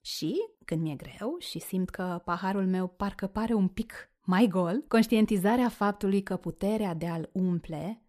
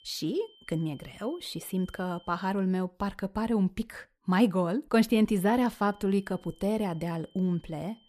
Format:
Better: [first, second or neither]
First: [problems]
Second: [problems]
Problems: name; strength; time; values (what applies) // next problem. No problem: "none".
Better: first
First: none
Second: high-pitched whine; faint; until 2.5 s and from 5.5 s on; 3 kHz, 30 dB below the speech